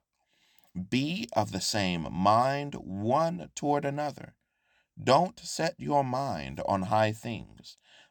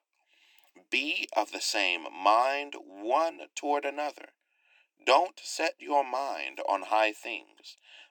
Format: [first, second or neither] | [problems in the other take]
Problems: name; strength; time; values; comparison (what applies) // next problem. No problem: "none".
first | thin; very; fading below 300 Hz